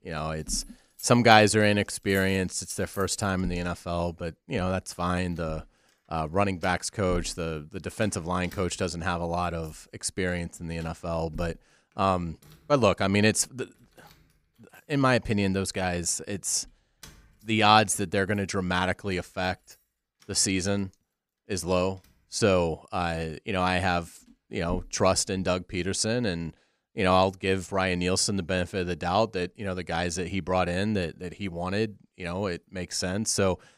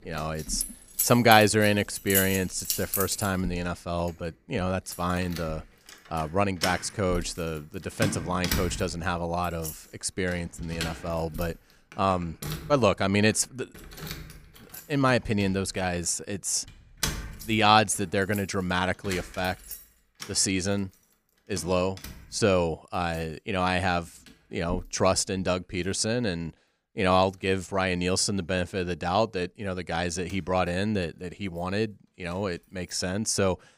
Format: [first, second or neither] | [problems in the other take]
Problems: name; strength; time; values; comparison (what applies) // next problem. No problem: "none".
first | household noises; loud; throughout; 8 dB below the speech; faint in the first